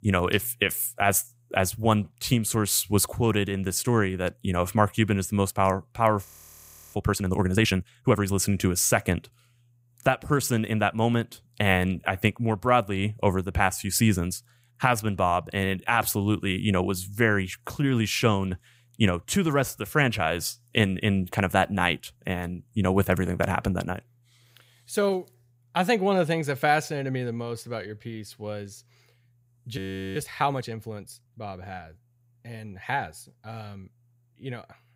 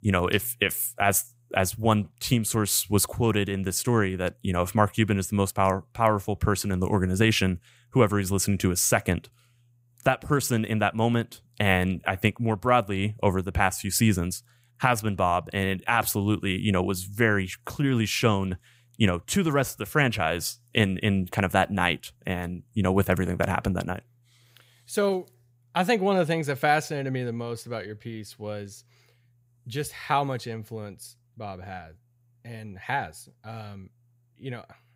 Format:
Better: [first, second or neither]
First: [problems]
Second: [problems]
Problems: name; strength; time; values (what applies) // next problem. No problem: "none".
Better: second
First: audio freezing; at 6.5 s for 0.5 s and at 30 s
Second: none